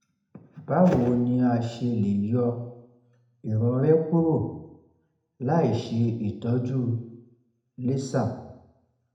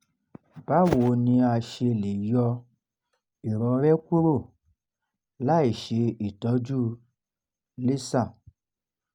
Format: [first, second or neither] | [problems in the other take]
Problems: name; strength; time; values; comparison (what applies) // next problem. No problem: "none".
second | room echo; dies away in 0.8 s